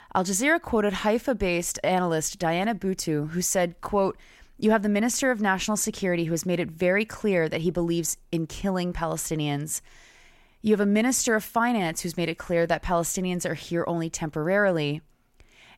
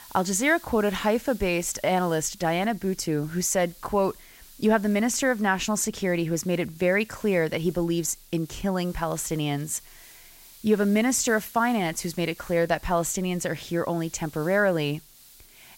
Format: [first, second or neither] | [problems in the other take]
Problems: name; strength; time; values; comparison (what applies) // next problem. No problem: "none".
first | hiss; faint; throughout; 20 dB below the speech